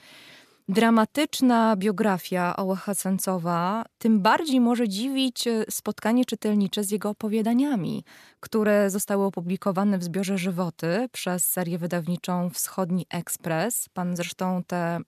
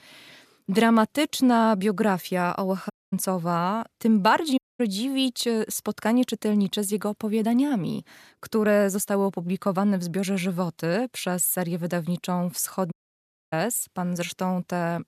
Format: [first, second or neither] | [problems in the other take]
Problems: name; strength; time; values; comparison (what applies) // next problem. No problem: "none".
first | audio cutting out; at 3 s, at 4.5 s and at 13 s for 0.5 s